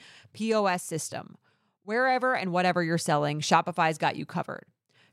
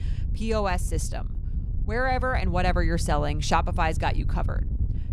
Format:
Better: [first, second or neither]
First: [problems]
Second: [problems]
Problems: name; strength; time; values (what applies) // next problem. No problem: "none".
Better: first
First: none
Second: wind noise on the microphone; occasional gusts; 20 dB below the speech